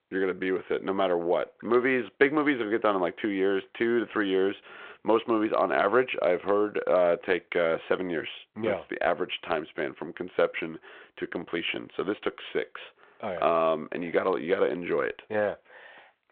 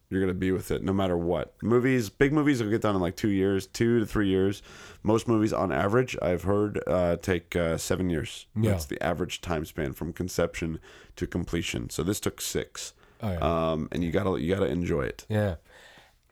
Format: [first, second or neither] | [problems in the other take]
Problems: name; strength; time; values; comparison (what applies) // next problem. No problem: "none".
second | phone-call audio